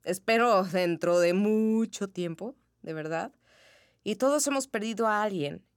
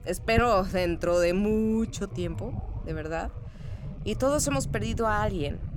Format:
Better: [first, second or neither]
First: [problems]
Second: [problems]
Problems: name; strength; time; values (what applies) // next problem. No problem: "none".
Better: first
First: none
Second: low rumble; faint; throughout; 20 dB below the speech